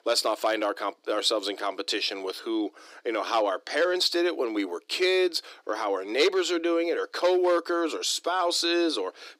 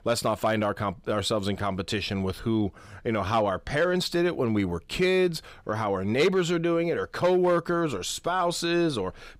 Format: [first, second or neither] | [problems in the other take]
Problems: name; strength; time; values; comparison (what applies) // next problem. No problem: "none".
second | thin; very; fading below 300 Hz